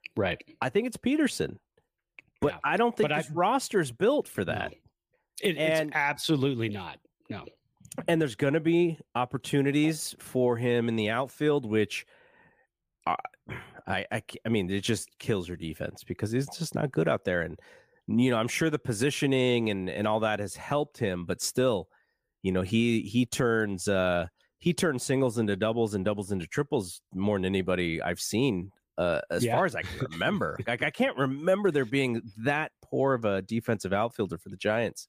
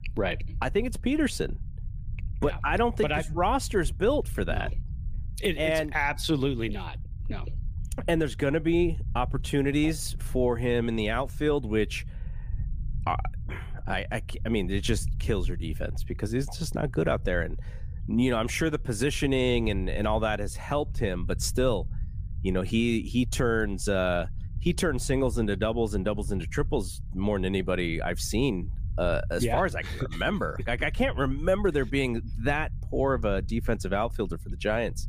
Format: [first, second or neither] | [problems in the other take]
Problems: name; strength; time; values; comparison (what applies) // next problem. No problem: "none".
first | low rumble; faint; throughout; 25 dB below the speech